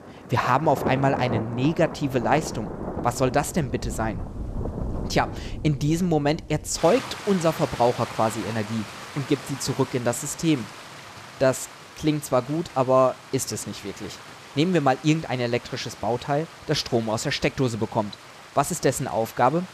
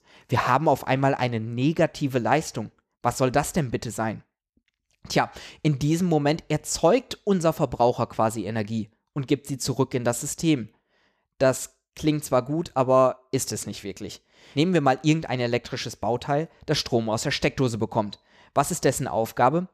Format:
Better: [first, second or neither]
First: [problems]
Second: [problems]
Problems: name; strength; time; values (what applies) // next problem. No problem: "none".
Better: second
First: rain or running water; noticeable; throughout; 10 dB below the speech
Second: none